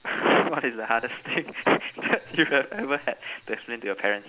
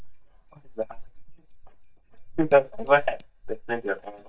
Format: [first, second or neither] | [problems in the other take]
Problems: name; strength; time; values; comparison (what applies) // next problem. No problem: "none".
first | noise reduction (neural mask model DeepFilterNet 3)